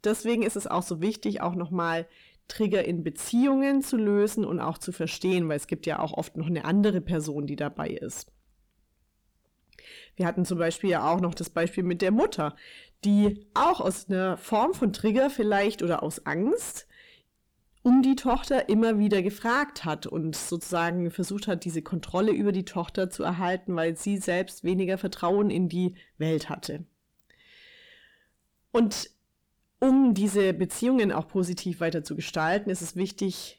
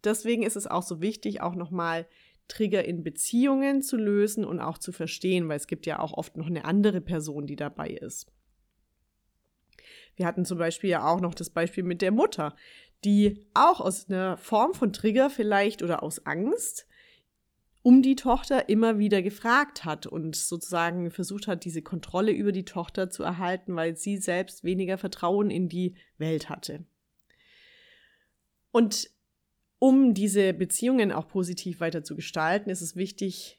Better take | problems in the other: second | distortion; slight; 10 dB below the speech

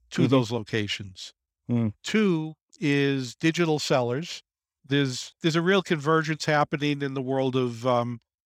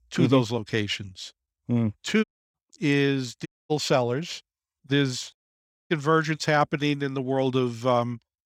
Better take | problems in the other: first | audio cutting out; at 2 s, at 3.5 s and at 5.5 s for 0.5 s

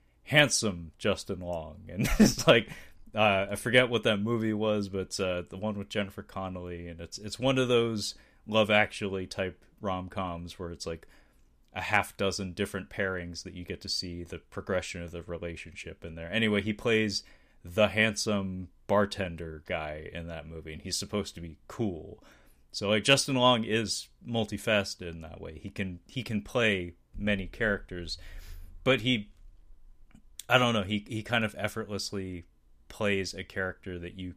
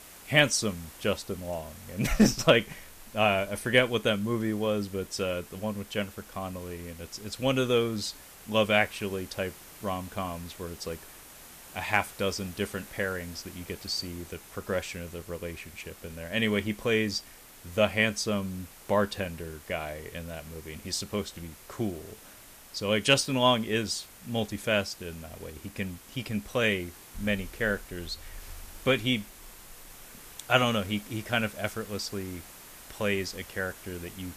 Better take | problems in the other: first | hiss; noticeable; throughout; 20 dB below the speech

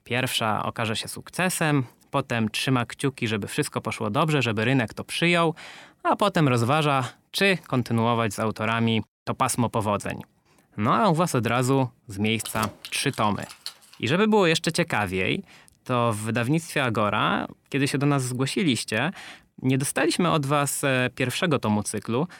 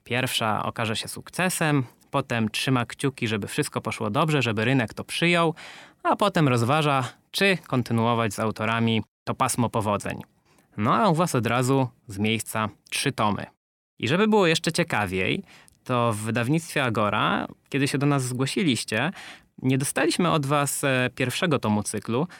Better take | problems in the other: second | jangling keys; faint; from 12 to 14 s; peak 10 dB below the speech

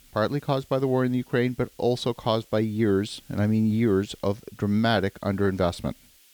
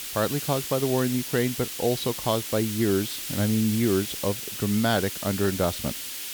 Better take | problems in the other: first | hiss; loud; throughout; 5 dB below the speech; faint in the first

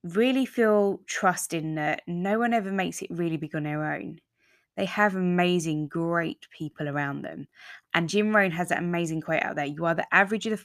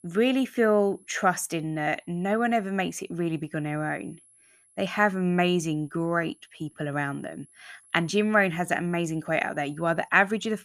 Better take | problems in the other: first | high-pitched whine; faint; throughout; 11 kHz, 30 dB below the speech

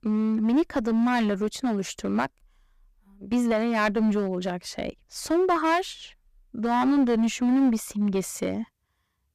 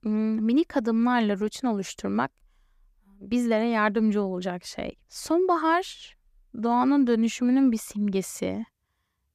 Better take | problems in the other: second | distortion; slight; 8% of the sound clipped

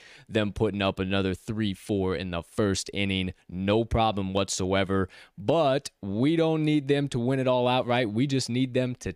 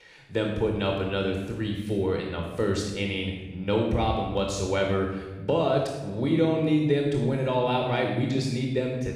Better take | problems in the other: first | room echo; noticeable; dies away in 1.2 s // off-mic speech; somewhat distant

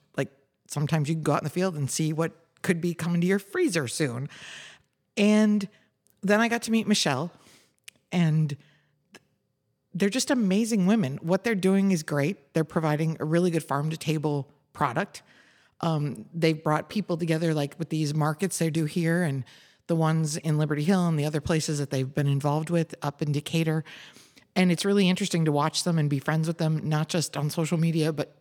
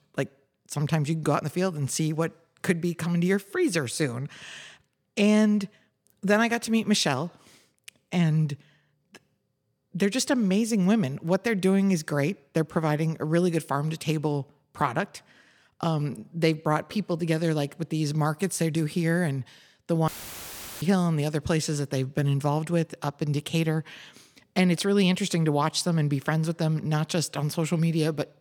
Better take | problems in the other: first | audio cutting out; filled with static; at 20 s for 0.5 s

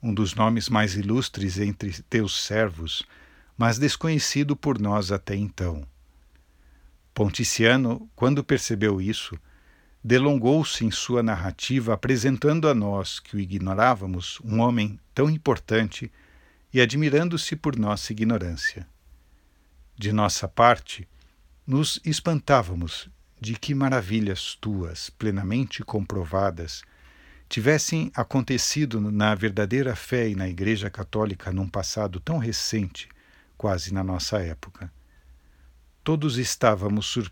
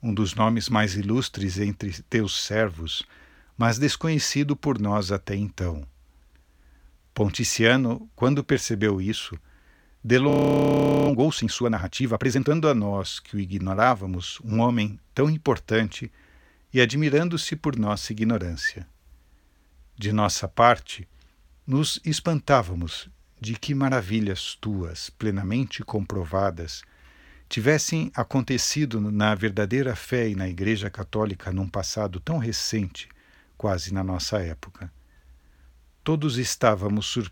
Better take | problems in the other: first | audio freezing; at 10 s for 1 s

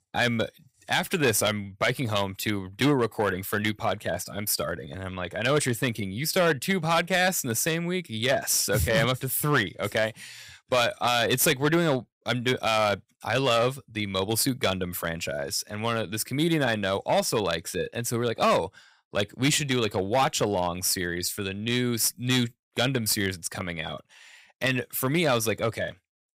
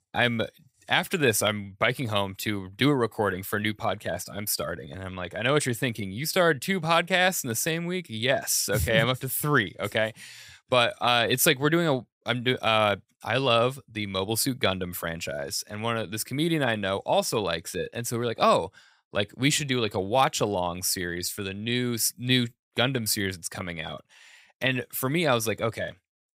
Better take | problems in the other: second | distortion; slight; 3% of the sound clipped

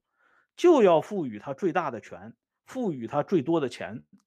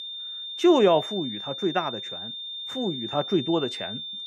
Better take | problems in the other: first | high-pitched whine; loud; throughout; 3.5 kHz, 8 dB below the speech

